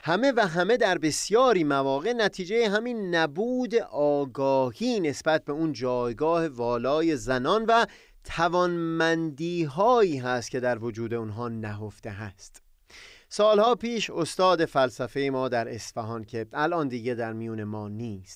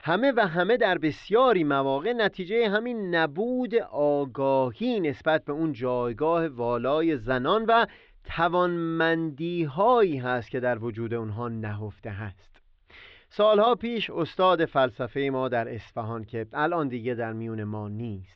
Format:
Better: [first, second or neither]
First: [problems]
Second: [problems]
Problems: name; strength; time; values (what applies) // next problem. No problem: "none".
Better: first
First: none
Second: muffled; very; fading above 3.5 kHz